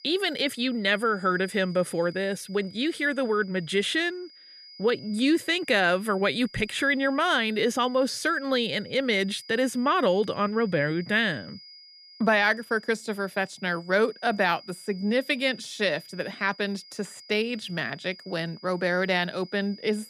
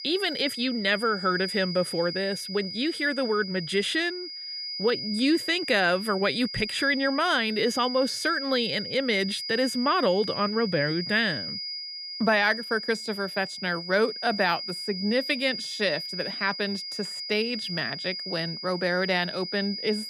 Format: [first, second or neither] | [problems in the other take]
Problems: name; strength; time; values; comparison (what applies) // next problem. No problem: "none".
first | high-pitched whine; loud; throughout; 5 kHz, 6 dB below the speech; faint in the first